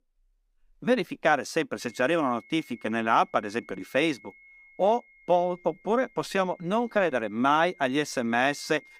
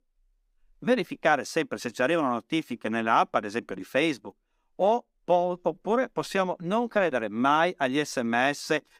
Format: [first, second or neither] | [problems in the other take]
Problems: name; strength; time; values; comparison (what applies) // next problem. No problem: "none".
second | high-pitched whine; faint; from 2 s on; 2 kHz, 25 dB below the speech